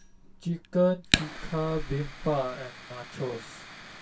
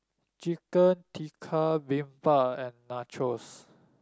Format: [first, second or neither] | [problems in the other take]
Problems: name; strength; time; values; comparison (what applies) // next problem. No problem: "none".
second | background sound (Fire); 4 dB below the speech // room echo; dies away in 0.1 s